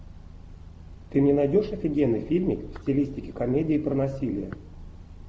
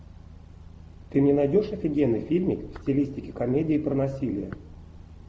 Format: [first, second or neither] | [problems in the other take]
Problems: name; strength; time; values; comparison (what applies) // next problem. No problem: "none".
second | background sound (Bird / Breathing); 20 dB below the speech